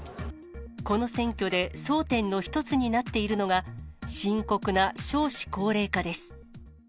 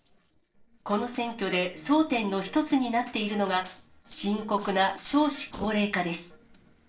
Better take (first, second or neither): first